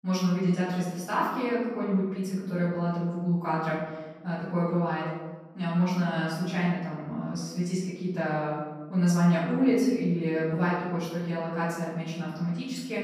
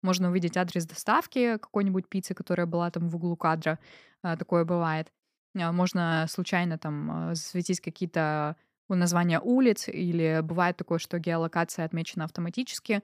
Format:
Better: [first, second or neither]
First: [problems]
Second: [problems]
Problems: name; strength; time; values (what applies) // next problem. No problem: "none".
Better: second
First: room echo; noticeable; dies away in 1.2 s // off-mic speech; far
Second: none